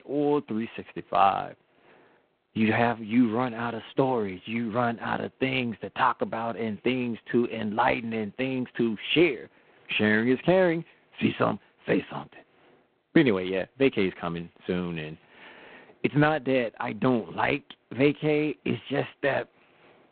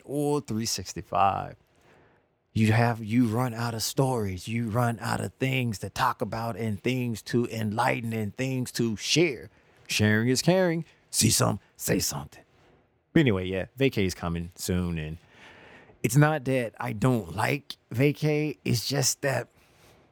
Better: second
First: phone-call audio; poor line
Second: none

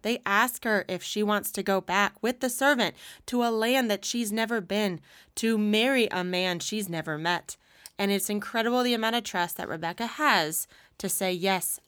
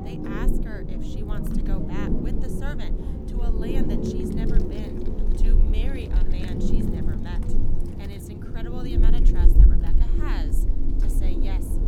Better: first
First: none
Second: wind noise on the microphone; heavy; 5 dB above the speech

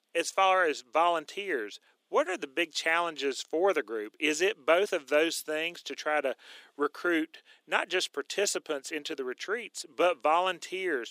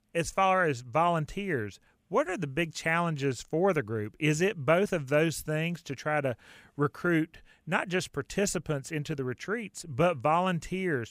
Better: second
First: thin; somewhat; fading below 300 Hz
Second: none

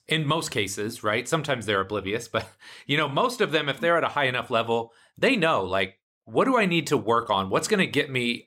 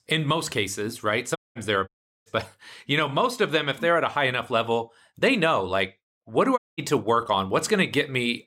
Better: first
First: none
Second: audio cutting out; at 1.5 s, at 2 s and at 6.5 s

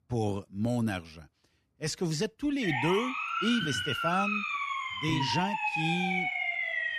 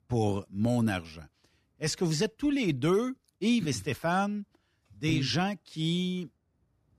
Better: second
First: siren; loud; from 2.5 s on; peak 3 dB above the speech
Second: none

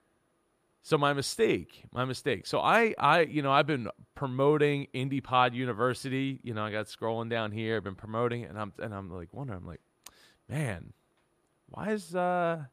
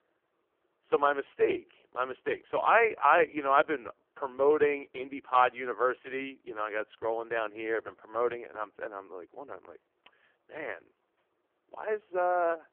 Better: first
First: none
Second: phone-call audio; poor line; nothing above 3 kHz

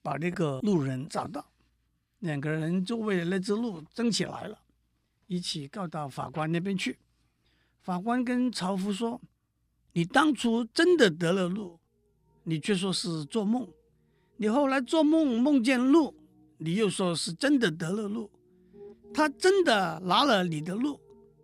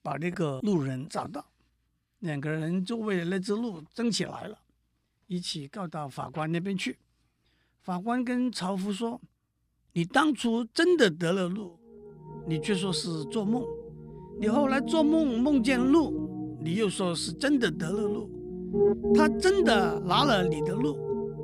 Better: first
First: background music; faint; from 13 s on; 30 dB below the speech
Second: background music; loud; from 13 s on; 3 dB below the speech

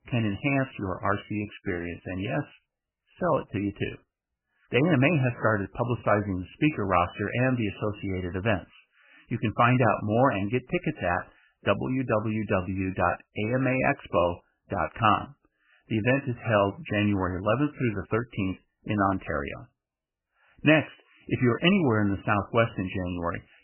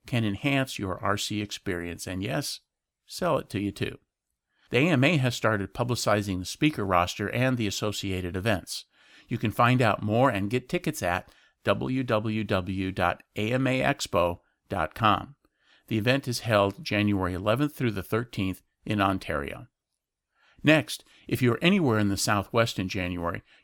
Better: second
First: garbled, watery; badly; nothing above 3 kHz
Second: none

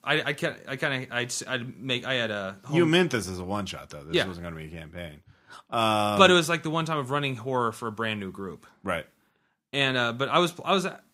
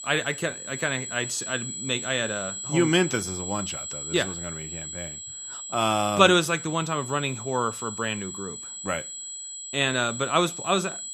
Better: first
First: none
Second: high-pitched whine; loud; throughout; 7.5 kHz, 8 dB below the speech

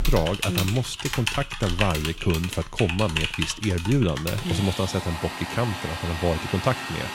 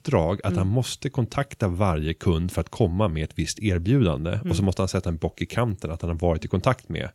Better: second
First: household noises; loud; throughout; 4 dB below the speech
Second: none

